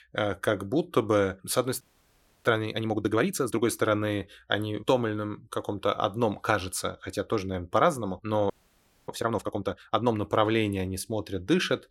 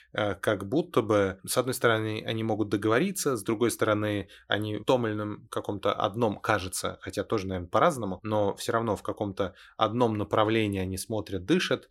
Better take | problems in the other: second | audio freezing; at 2 s for 0.5 s and at 8.5 s for 0.5 s

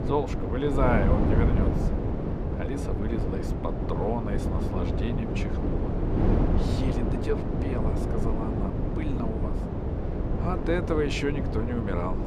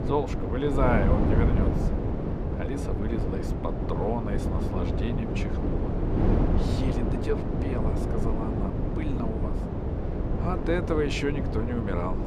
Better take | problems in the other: neither | wind noise on the microphone; heavy; 1 dB below the speech; the same in both

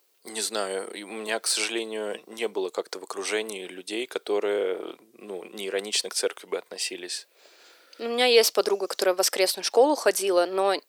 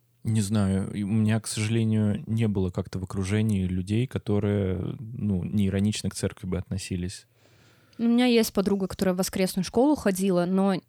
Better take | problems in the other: second | thin; very; fading below 400 Hz

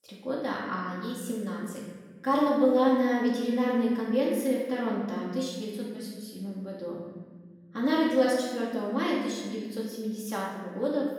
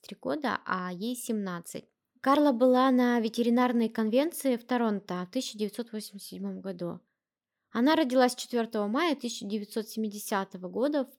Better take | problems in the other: second | room echo; noticeable; dies away in 1.6 s // off-mic speech; far

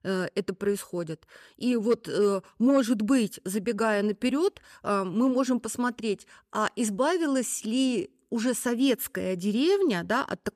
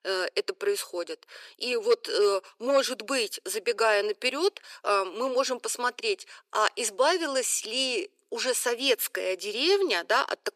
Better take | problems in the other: first | thin; very; fading below 400 Hz

